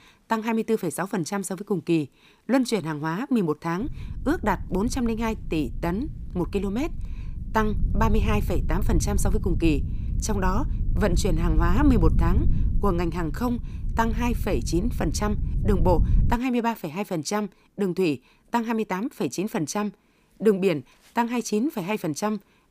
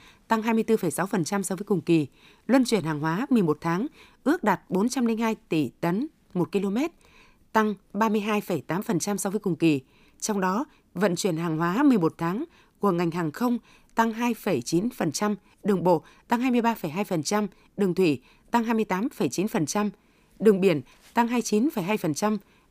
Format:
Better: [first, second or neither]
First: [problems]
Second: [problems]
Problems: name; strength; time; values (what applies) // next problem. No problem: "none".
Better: second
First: low rumble; noticeable; from 4 to 16 s; 15 dB below the speech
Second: none